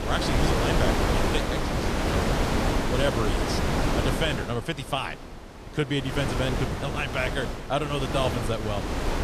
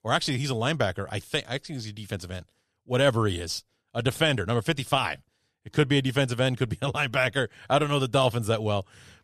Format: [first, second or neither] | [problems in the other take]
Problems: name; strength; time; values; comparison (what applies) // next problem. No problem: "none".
second | wind noise on the microphone; heavy; 1 dB above the speech